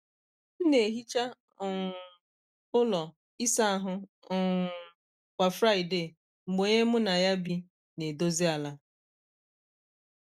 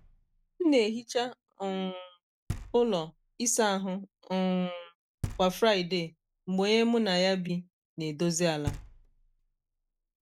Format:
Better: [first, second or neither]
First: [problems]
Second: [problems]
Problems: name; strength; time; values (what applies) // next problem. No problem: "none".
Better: first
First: none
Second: background sound (Knock); 16 dB below the speech